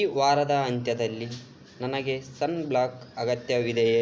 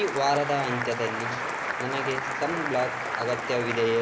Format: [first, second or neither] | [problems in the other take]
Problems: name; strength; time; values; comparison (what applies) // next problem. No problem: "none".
first | background sound (Applause); 3 dB below the speech